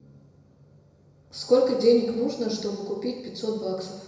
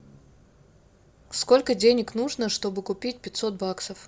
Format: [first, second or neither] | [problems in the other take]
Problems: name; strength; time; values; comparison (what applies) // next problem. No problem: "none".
second | room echo; dies away in 1 s